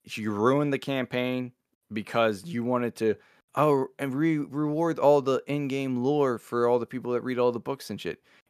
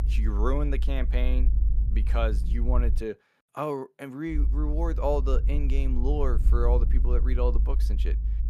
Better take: first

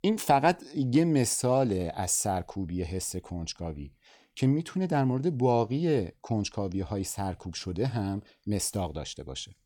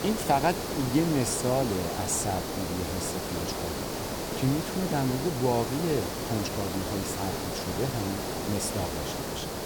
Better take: first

